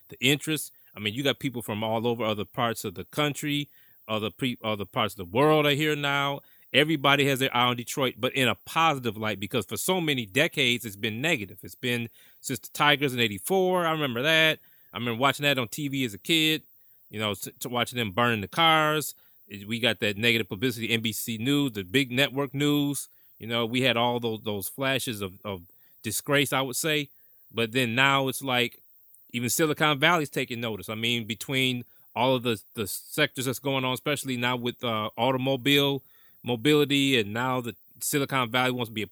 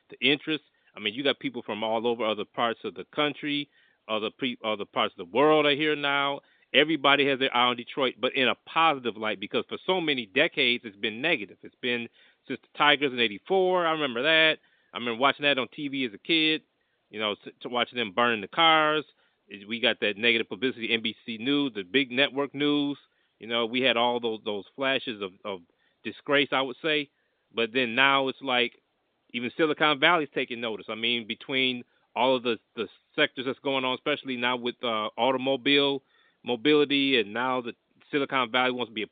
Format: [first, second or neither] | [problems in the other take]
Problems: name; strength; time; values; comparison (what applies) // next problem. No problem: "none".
first | phone-call audio